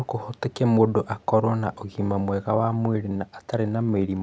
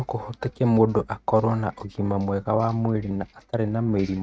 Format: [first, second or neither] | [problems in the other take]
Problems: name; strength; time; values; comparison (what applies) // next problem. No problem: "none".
first | noise reduction (neural mask model RNNoise)